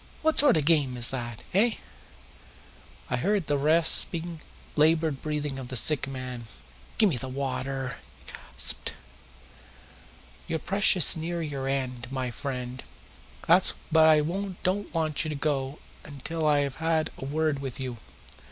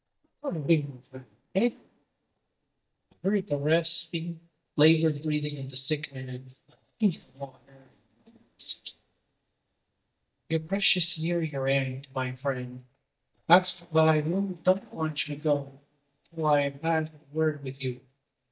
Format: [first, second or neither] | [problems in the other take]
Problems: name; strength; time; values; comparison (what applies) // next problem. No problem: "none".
first | noise reduction (neural mask model DeepFilterNet 3)